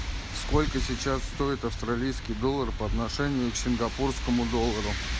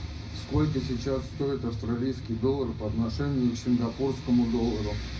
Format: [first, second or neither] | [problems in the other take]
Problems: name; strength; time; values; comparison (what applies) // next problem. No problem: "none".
first | room echo; dies away in 0.4 s